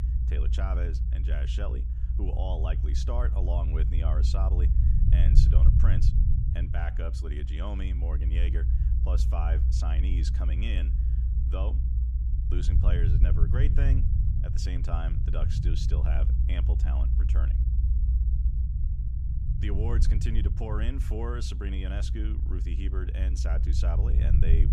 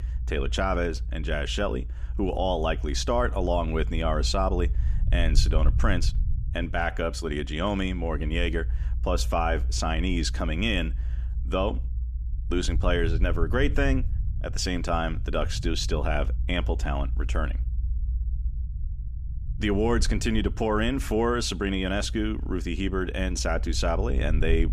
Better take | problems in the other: second | low rumble; loud; throughout; 4 dB below the speech; faint in the second

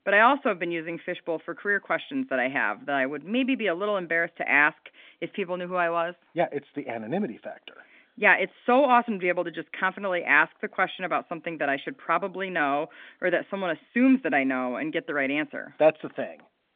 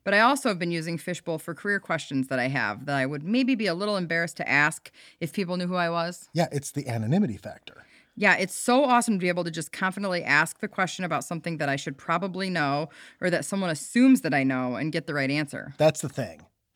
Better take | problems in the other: second | phone-call audio

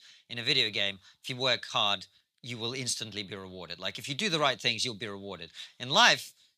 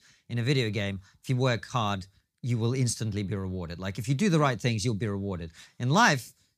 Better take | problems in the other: second | thin; somewhat; fading below 1 kHz

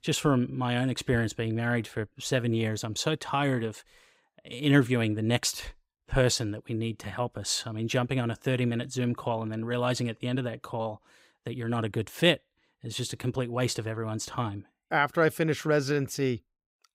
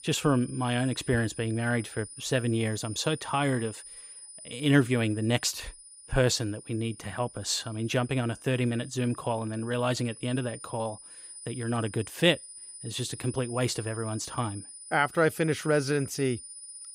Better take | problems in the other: first | high-pitched whine; noticeable; throughout; 9.5 kHz, 15 dB below the speech

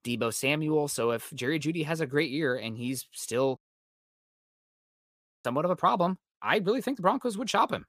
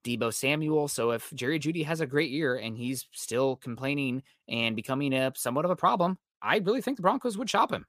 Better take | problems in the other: second | audio cutting out; at 3.5 s for 2 s

